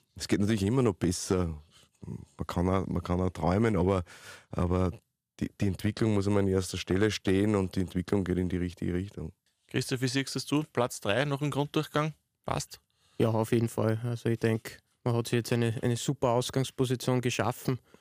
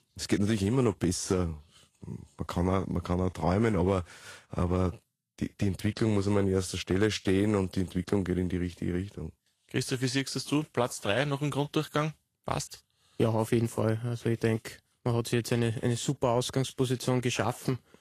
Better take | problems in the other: first | garbled, watery; slightly; nothing above 12.5 kHz

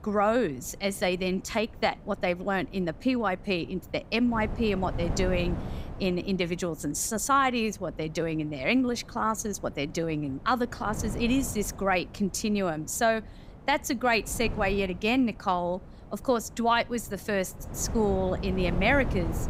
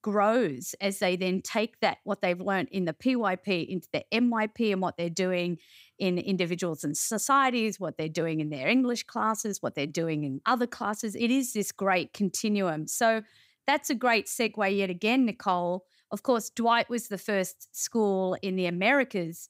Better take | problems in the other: second | wind noise on the microphone; occasional gusts; 20 dB below the speech

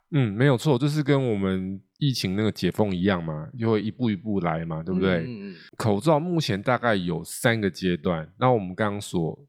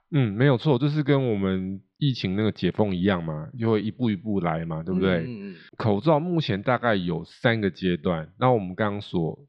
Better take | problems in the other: first | muffled; very slightly; fading above 4 kHz

